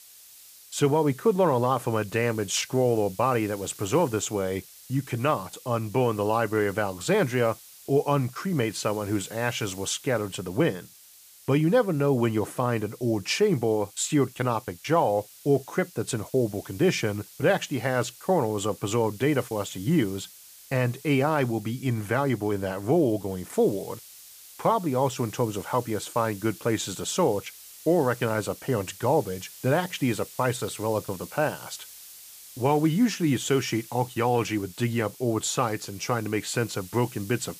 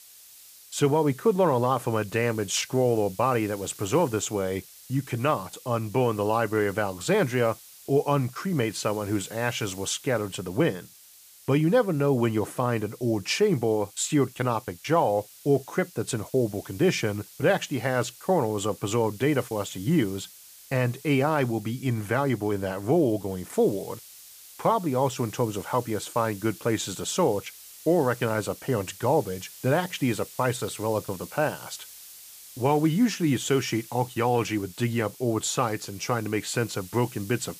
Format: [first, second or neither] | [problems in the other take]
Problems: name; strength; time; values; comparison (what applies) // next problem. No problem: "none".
neither | hiss; noticeable; throughout; 20 dB below the speech; the same in both